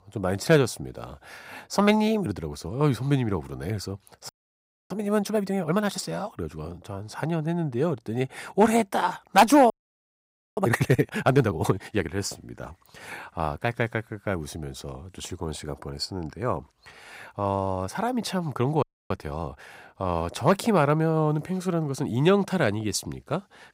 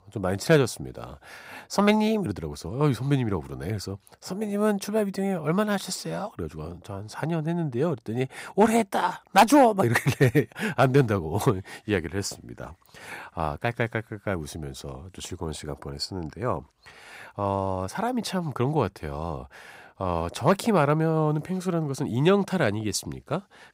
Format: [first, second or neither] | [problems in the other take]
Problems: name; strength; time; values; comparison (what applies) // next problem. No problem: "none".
second | audio freezing; at 4.5 s for 0.5 s, at 9.5 s for 1 s and at 19 s